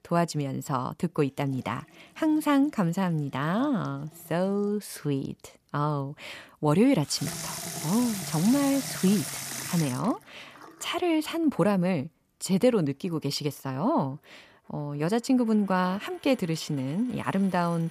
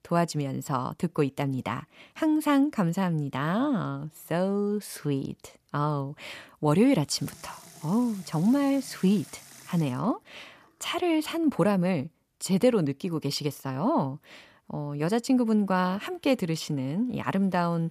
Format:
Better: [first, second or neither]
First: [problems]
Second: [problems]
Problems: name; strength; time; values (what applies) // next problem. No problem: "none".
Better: second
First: household noises; loud; throughout; 8 dB below the speech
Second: household noises; faint; throughout; 20 dB below the speech